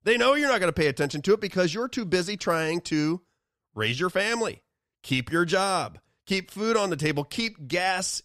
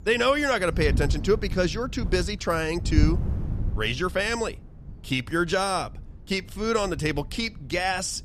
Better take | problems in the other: first | wind noise on the microphone; occasional gusts; 20 dB below the speech

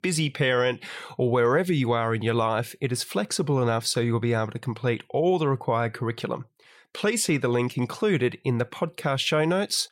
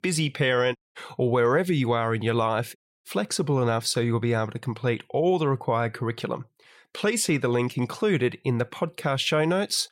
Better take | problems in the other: first | audio cutting out; at 1 s and at 3 s

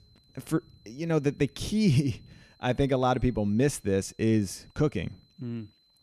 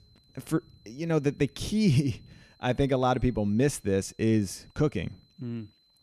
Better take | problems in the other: neither | high-pitched whine; faint; throughout; 4 kHz, 35 dB below the speech; the same in both

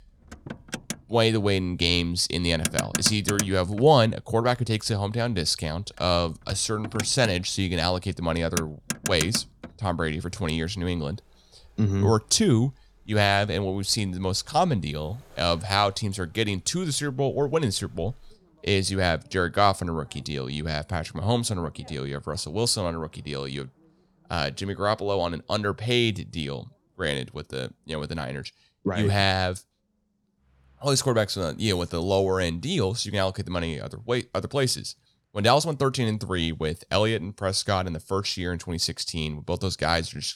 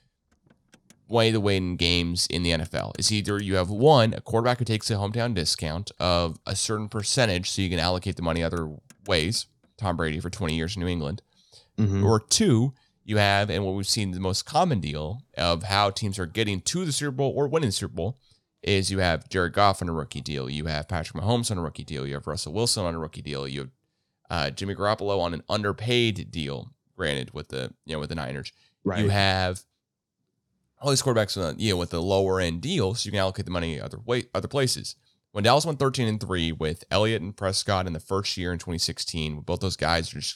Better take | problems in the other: second | traffic noise; loud; throughout; 7 dB below the speech; faint in the second

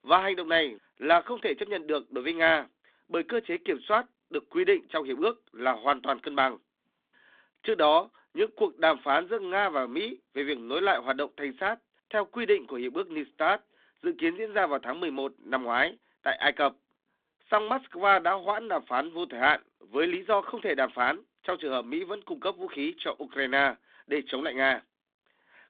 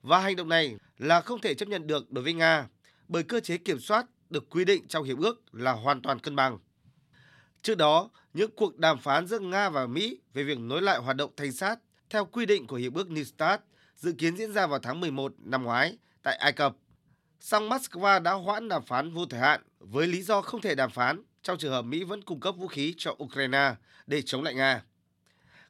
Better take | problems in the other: second | phone-call audio; nothing above 3.5 kHz

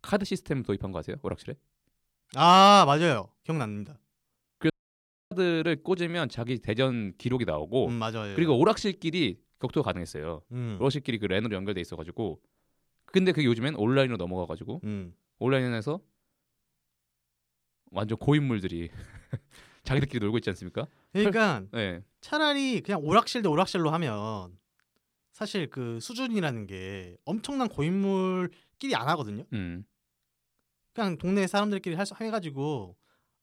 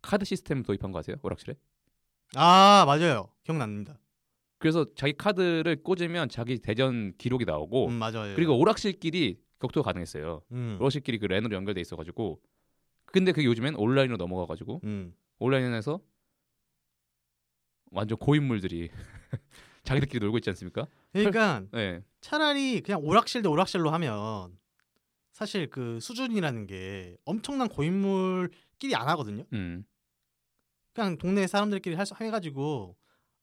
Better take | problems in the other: second | audio cutting out; at 4.5 s for 0.5 s

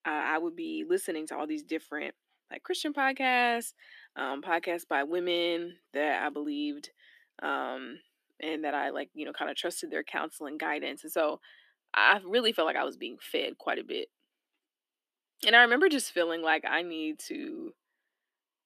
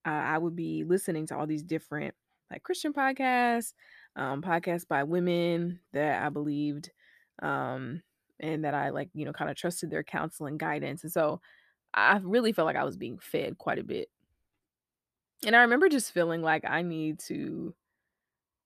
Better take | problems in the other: second | thin; very slightly; fading below 250 Hz

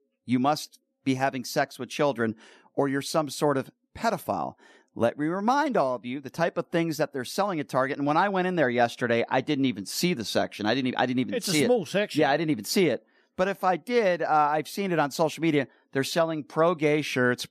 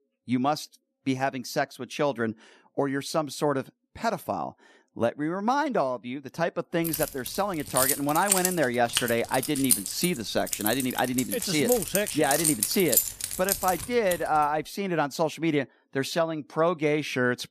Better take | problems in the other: first | jangling keys; loud; from 7 to 14 s; peak 4 dB above the speech

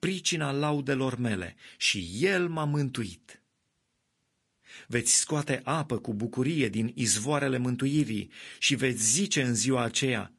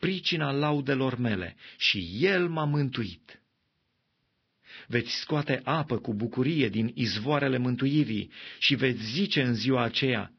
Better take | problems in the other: first | garbled, watery; badly; nothing above 5.5 kHz; slightly in the first

